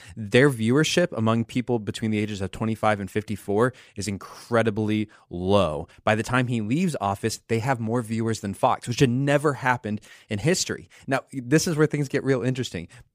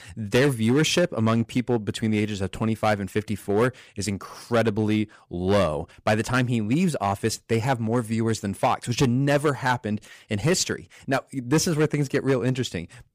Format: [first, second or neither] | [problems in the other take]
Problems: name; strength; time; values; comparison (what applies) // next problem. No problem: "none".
first | distortion; slight; 4% of the sound clipped